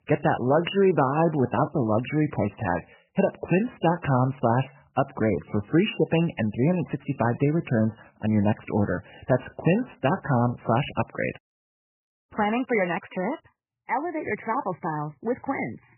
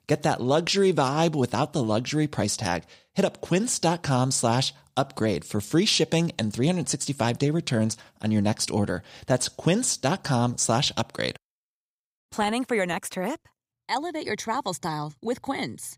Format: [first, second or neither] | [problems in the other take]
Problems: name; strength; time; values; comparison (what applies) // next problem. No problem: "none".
second | garbled, watery; badly; nothing above 3 kHz